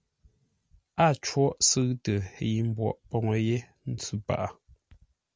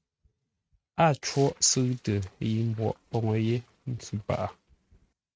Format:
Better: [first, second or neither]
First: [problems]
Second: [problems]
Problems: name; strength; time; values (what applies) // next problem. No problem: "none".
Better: first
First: none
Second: noise reduction (neural mask model RNNoise)